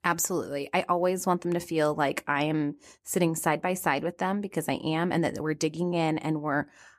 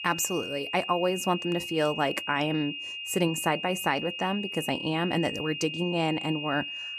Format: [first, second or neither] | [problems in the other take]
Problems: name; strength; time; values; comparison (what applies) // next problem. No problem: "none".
first | high-pitched whine; loud; throughout; 3 kHz, 6 dB below the speech